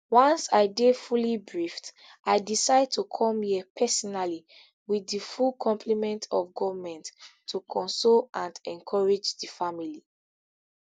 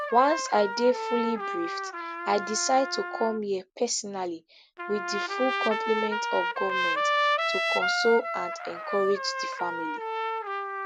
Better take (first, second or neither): first